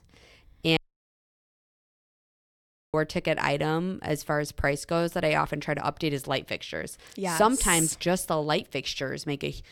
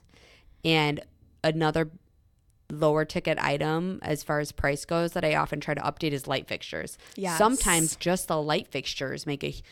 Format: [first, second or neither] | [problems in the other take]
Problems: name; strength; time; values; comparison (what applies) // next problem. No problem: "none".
second | audio cutting out; at 1 s for 2 s